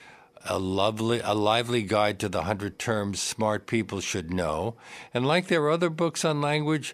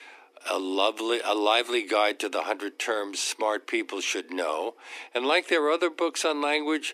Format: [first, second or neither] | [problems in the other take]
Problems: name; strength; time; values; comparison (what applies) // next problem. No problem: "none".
first | thin; somewhat; fading below 300 Hz